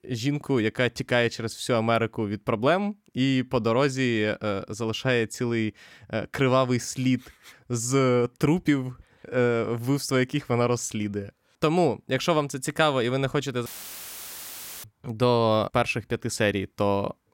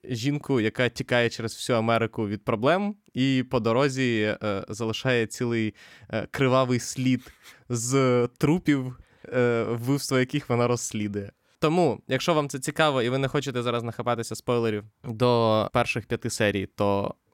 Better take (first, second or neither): second